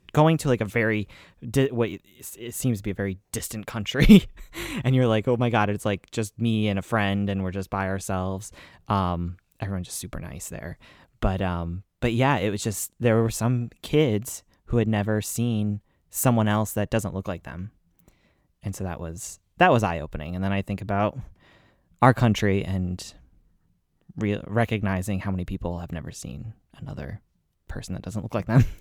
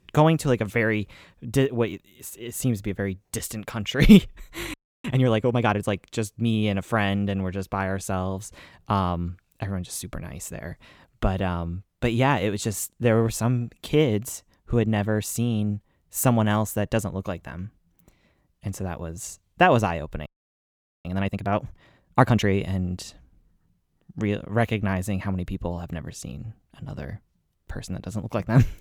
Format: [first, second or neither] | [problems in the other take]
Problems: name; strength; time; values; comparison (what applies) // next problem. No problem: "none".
first | audio freezing; at 4.5 s and at 20 s for 1 s